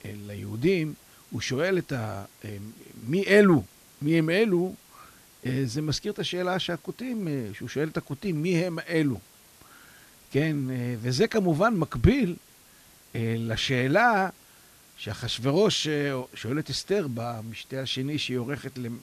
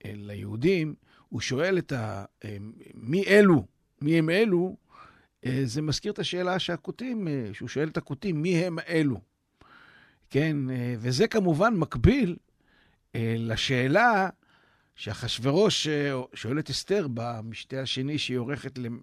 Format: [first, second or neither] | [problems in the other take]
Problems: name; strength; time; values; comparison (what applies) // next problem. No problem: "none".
second | hiss; faint; throughout; 25 dB below the speech